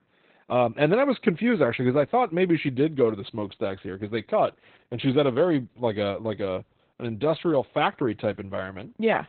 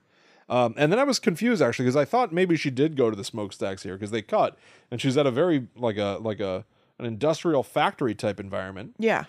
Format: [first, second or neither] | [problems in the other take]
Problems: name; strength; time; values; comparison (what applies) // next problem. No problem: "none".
second | garbled, watery; badly; nothing above 4 kHz